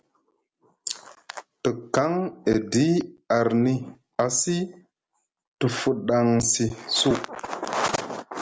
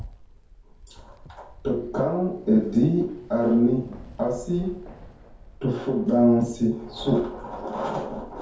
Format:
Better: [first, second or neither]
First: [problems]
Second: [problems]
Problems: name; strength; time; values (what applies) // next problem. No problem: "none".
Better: first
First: none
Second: background sound (Keys jangling); 19 dB below the speech // room echo; dies away in 0.6 s